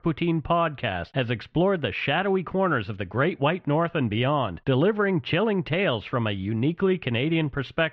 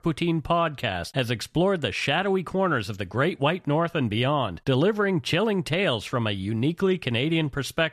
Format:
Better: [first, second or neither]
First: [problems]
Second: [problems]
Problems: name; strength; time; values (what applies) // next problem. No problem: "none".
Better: second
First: muffled; very; fading above 3 kHz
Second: none